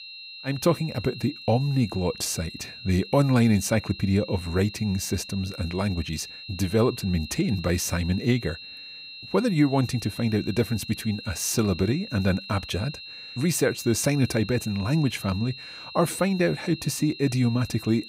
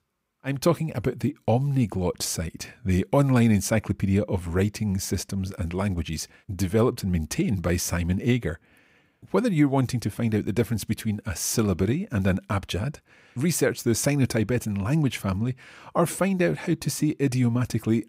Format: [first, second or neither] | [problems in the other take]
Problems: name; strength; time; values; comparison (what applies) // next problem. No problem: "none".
second | high-pitched whine; noticeable; throughout; 4 kHz, 15 dB below the speech